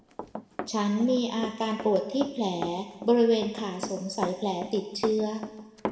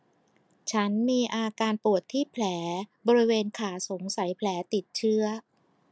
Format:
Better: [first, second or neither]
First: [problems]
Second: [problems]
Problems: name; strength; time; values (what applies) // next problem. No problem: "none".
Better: second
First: background sound (Run); 11 dB below the speech // room echo; dies away in 1.1 s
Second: none